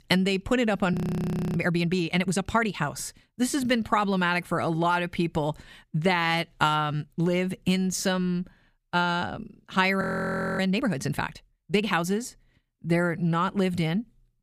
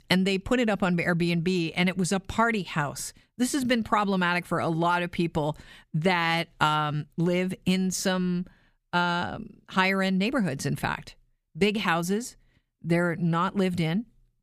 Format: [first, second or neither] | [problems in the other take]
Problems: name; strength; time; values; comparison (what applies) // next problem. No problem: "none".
second | audio freezing; at 1 s for 0.5 s and at 10 s for 0.5 s